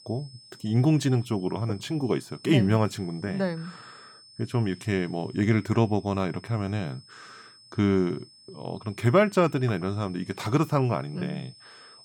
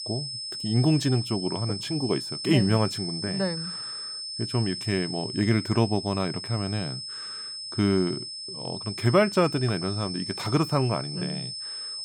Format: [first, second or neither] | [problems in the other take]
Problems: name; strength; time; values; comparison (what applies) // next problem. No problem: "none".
first | high-pitched whine; loud; throughout; 5.5 kHz, 6 dB below the speech; faint in the first